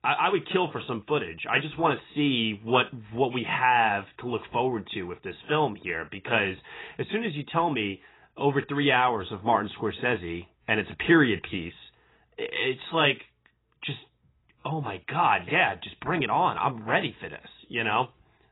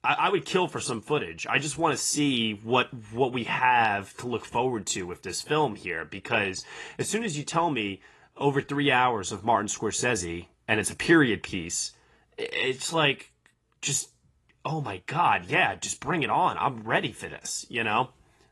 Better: second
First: garbled, watery; badly; nothing above 3.5 kHz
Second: garbled, watery; slightly; nothing above 11 kHz

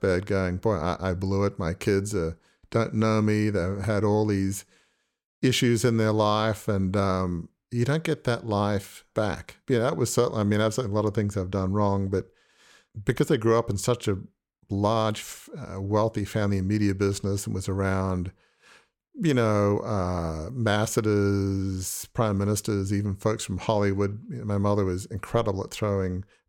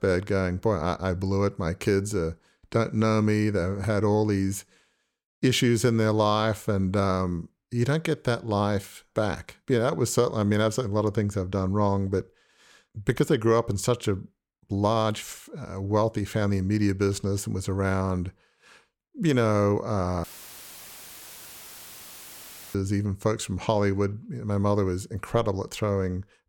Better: first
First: none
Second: audio cutting out; filled with static; at 20 s for 2.5 s

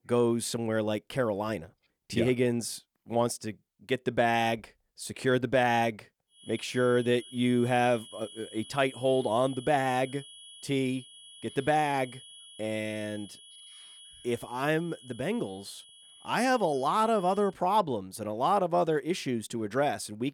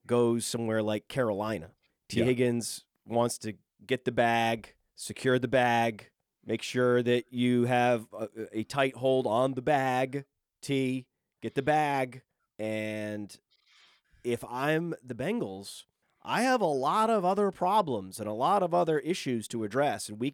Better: second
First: high-pitched whine; noticeable; from 6.5 to 17 s; 3.5 kHz, 20 dB below the speech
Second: none

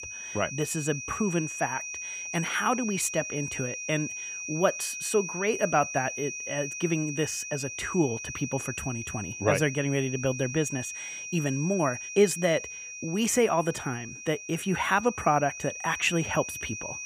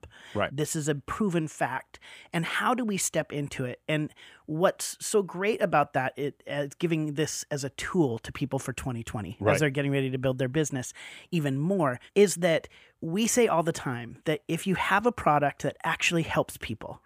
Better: second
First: high-pitched whine; loud; throughout; 2.5 kHz, 7 dB below the speech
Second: none

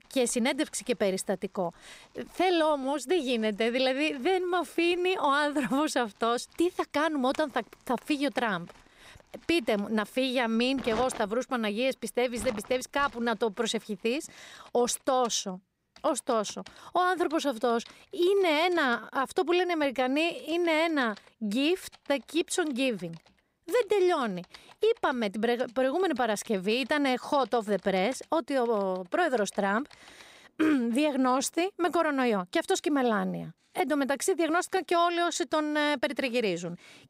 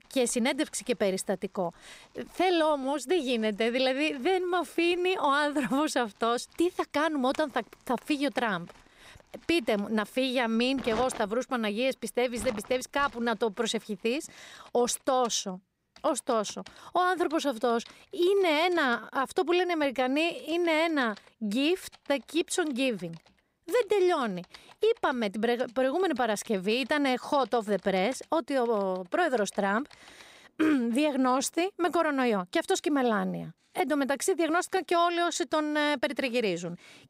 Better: neither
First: household noises; faint; throughout; 25 dB below the speech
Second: household noises; faint; throughout; 25 dB below the speech

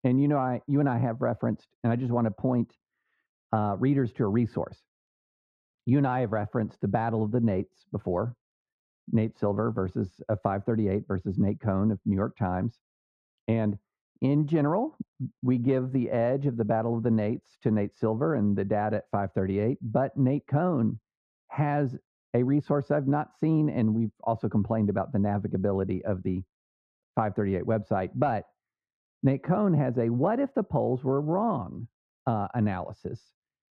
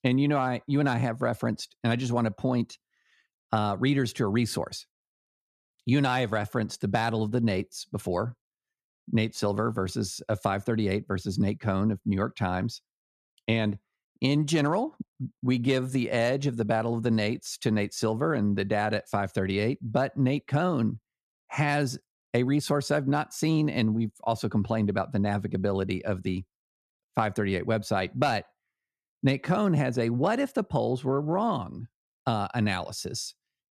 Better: second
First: muffled; very; fading above 3 kHz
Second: none

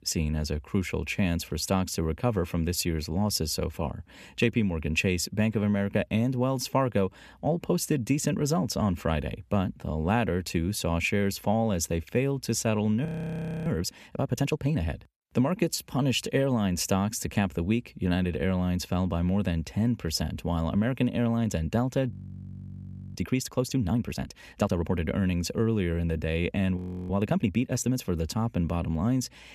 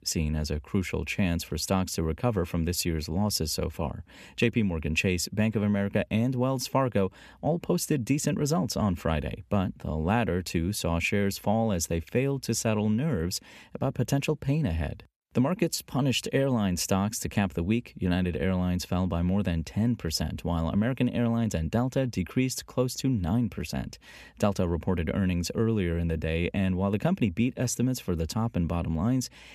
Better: second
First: audio freezing; at 13 s for 0.5 s, at 22 s for 1 s and at 27 s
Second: none

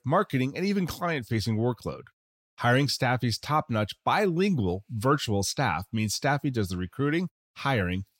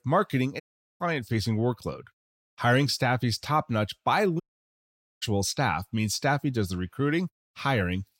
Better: first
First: none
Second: audio cutting out; at 0.5 s and at 4.5 s for 1 s

